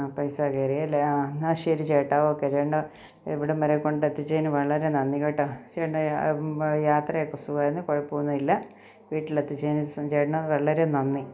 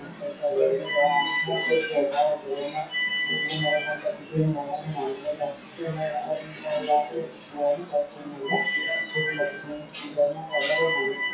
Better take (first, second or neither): first